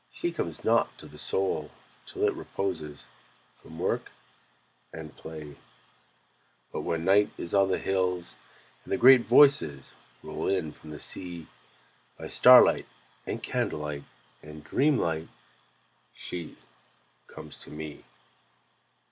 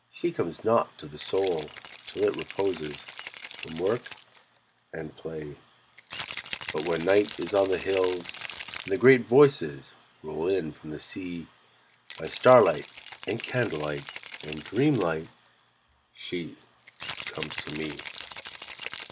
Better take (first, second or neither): first